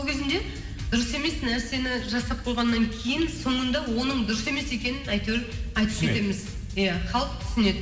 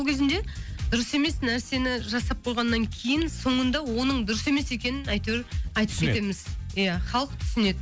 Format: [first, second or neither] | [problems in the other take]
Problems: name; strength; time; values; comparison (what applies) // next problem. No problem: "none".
second | room echo; dies away in 2 s